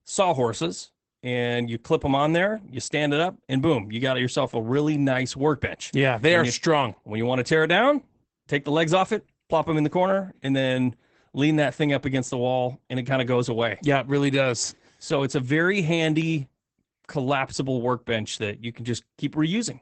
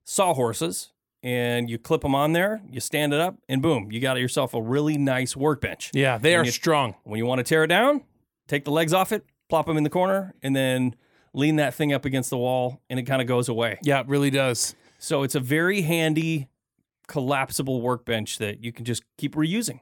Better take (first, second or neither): second